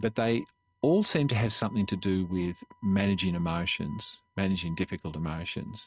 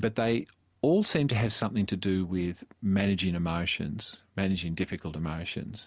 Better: second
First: noise reduction (neural mask model RNNoise)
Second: none

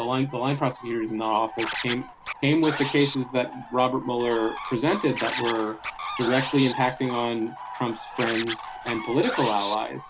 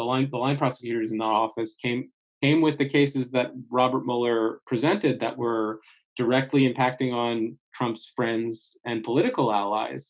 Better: second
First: background sound (Scratching (performance technique) + Bird); 9 dB below the speech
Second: none

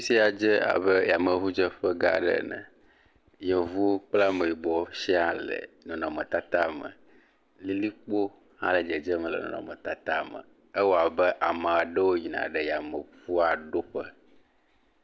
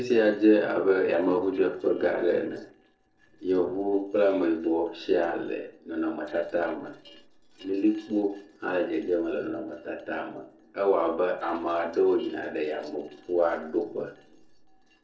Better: first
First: none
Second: noise reduction (neural separator model SepFormer DNS4)

